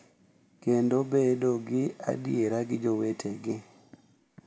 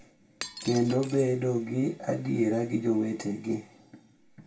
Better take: first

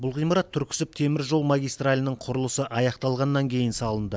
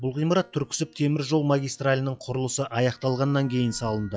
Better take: first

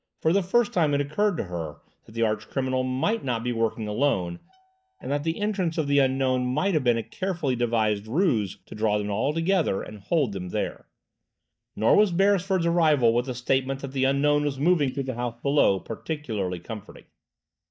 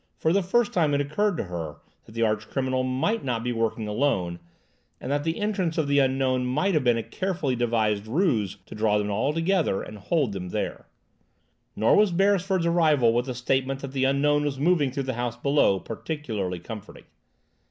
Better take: second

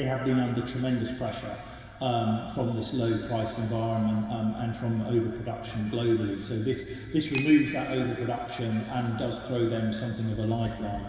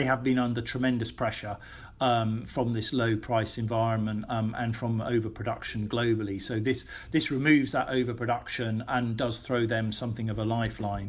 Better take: second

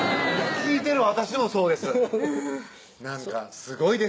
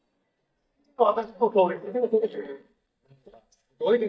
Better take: first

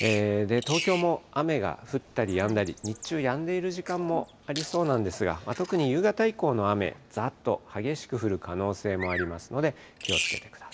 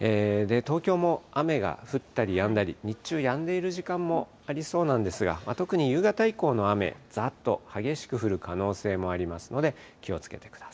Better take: second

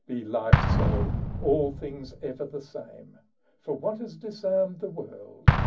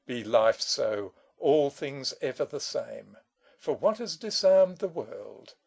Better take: second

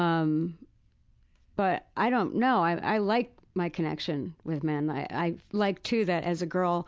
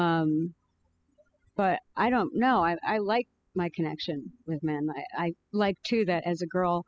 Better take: first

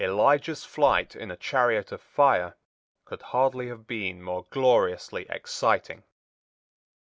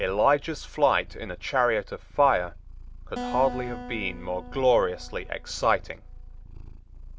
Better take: first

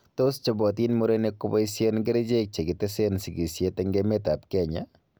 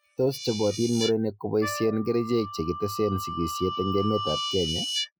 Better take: first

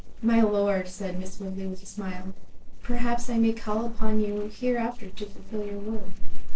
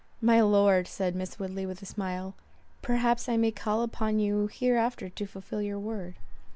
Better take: second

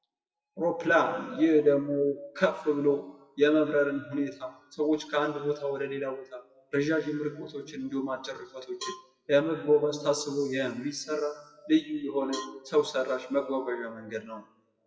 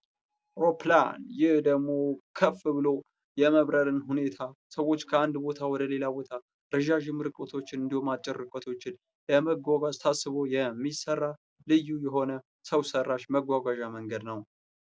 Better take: second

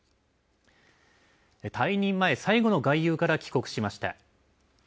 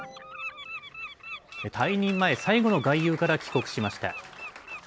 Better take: first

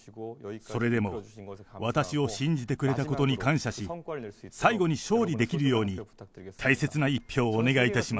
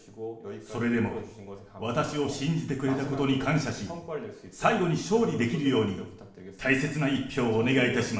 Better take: first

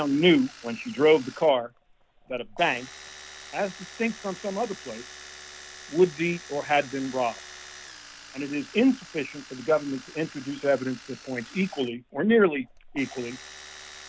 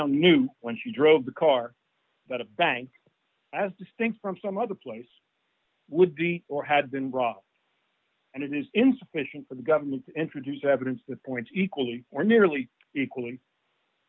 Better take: second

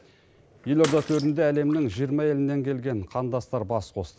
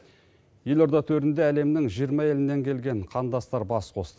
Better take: second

